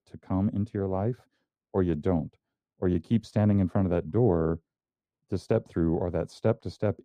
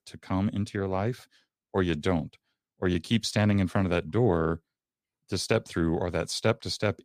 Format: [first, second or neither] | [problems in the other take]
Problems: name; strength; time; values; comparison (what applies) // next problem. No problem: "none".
second | muffled; very; fading above 1.5 kHz